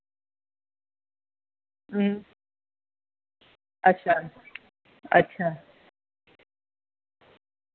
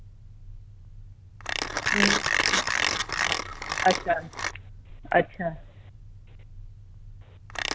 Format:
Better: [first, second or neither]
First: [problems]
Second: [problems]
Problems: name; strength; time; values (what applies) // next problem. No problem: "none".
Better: first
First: none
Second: background sound (Mechanisms); 2 dB above the speech